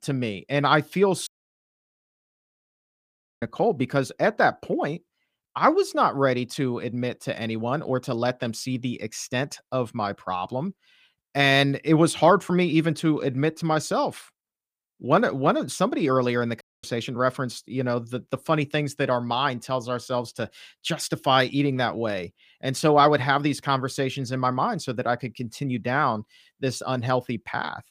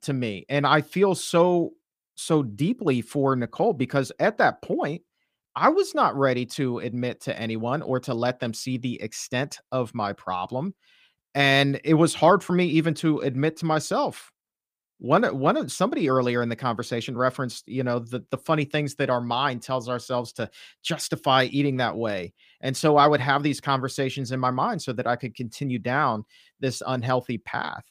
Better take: second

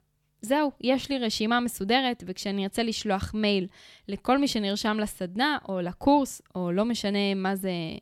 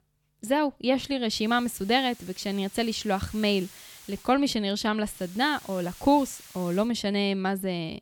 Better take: first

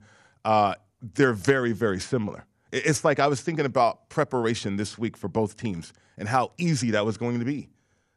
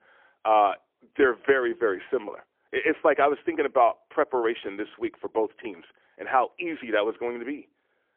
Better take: first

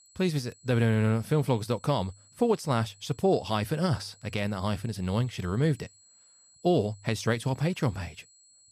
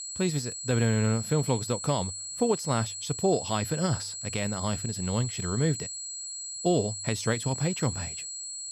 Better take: first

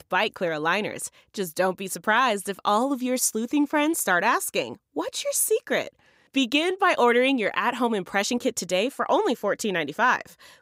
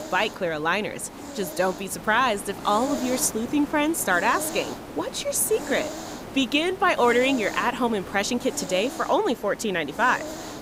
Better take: first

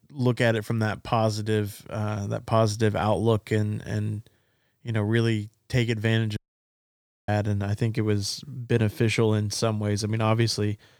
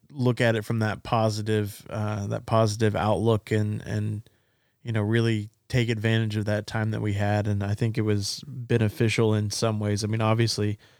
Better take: second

